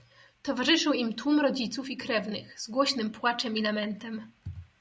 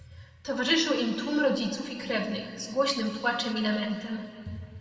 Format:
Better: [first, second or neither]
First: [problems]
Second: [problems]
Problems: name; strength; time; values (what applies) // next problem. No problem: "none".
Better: first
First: none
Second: room echo; dies away in 2.2 s